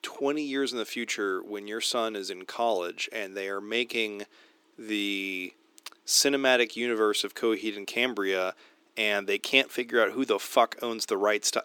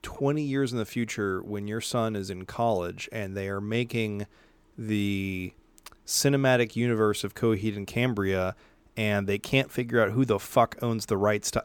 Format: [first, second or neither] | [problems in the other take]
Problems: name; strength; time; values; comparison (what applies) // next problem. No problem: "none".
second | thin; somewhat; fading below 300 Hz